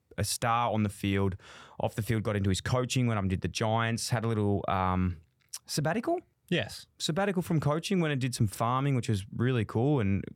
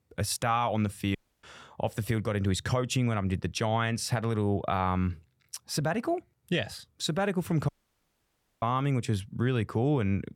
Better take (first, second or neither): first